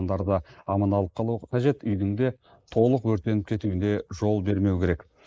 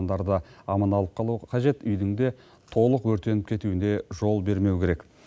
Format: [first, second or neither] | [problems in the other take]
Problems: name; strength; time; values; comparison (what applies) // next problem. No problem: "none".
second | noise reduction (neural mask model Resemble Enhance denoiser)